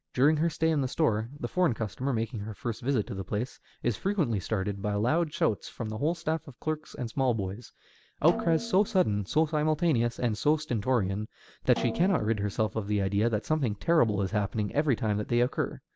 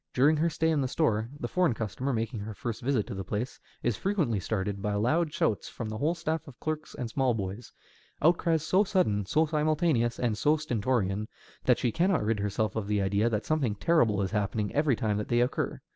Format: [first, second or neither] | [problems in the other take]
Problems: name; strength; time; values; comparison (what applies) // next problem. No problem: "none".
second | background sound (Snare drum); 14 dB below the speech